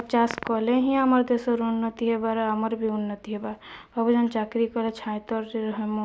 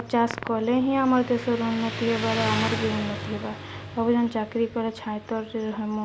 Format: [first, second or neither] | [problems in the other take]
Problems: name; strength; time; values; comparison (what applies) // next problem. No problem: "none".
first | background sound (Motorcycle); 9 dB below the speech